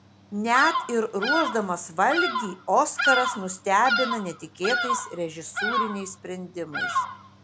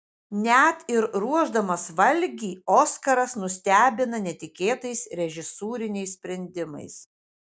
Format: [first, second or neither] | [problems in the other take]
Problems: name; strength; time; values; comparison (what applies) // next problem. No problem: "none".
second | background sound (Bird vocalization, bird call, bird song); 2 dB below the speech